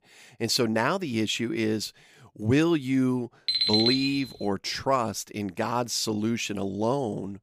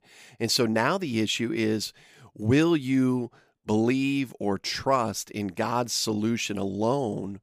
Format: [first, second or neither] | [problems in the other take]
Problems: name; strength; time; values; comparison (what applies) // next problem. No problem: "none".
second | alarm; loud; at 3.5 s; peak 5 dB above the speech